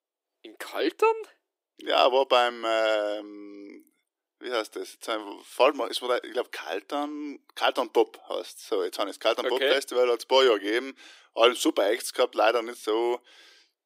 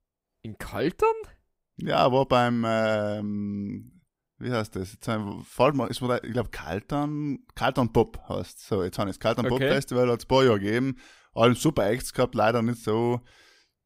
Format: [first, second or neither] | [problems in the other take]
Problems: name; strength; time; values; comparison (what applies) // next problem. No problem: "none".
second | thin; very; fading below 300 Hz